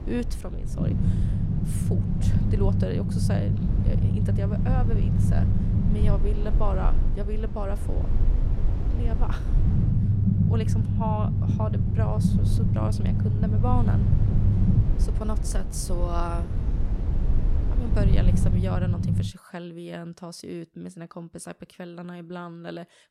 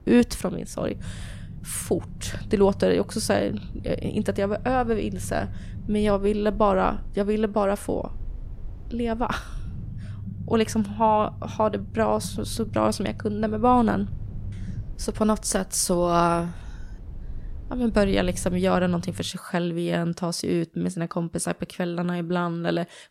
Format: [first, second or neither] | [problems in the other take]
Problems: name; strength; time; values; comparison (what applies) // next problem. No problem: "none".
second | low rumble; loud; until 19 s; 1 dB below the speech; faint in the second